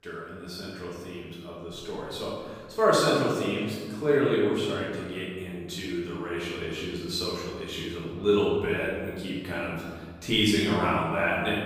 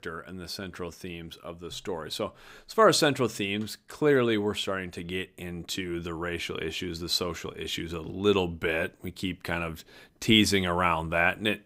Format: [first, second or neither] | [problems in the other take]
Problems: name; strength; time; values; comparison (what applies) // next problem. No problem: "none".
second | room echo; strong; dies away in 1.6 s // off-mic speech; far